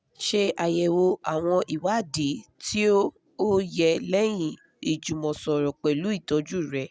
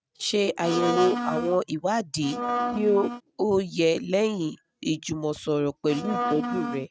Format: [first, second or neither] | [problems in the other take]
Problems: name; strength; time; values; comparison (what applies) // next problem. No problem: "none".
first | noise reduction (neural mask model RNNoise)